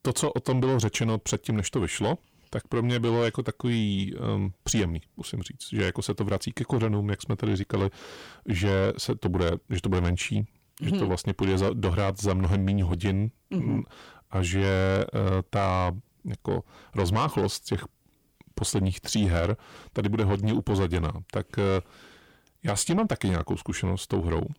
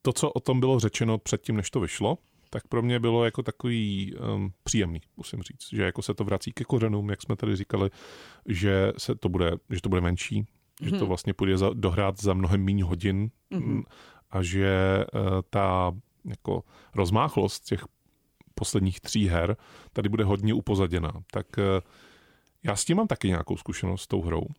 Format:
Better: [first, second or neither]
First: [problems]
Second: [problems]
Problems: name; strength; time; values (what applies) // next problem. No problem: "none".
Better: second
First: distortion; slight; 10 dB below the speech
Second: none